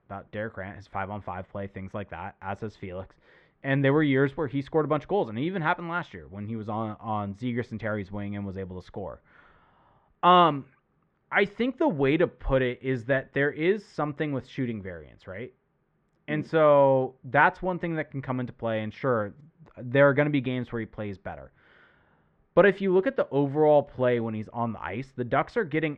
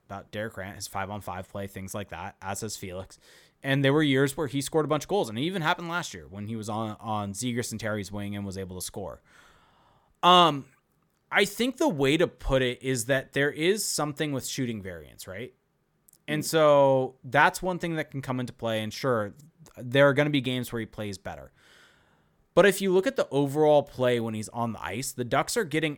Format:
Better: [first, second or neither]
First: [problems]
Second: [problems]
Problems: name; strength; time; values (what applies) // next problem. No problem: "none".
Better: second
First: muffled; very; fading above 2.5 kHz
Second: none